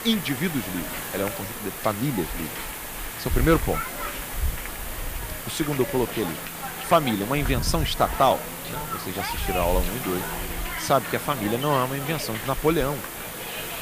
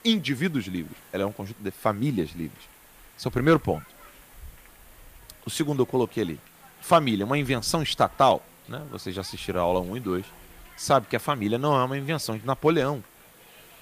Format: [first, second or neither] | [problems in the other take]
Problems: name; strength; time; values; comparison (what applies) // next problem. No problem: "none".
second | hiss; loud; throughout; 5 dB below the speech; faint in the second